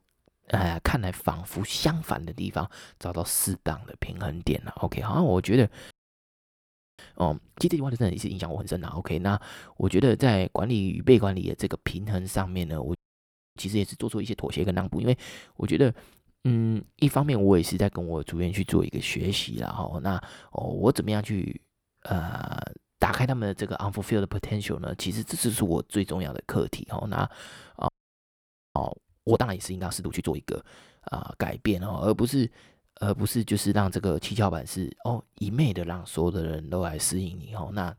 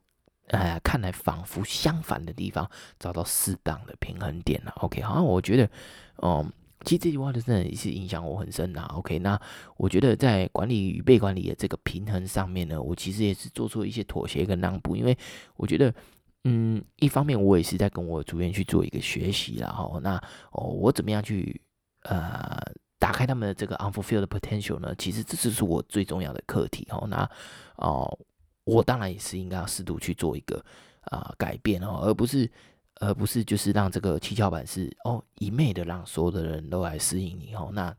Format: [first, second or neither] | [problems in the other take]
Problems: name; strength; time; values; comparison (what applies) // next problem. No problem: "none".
second | audio freezing; at 6 s for 1 s, at 13 s for 0.5 s and at 28 s for 1 s